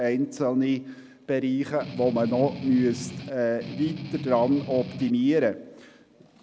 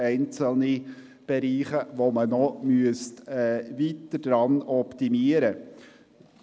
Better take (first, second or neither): second